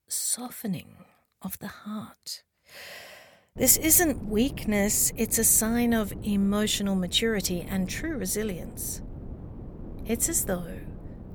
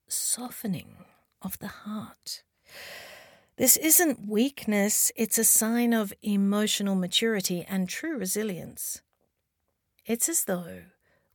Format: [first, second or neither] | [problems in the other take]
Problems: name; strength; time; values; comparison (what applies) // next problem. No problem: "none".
second | wind noise on the microphone; occasional gusts; from 3.5 s on; 20 dB below the speech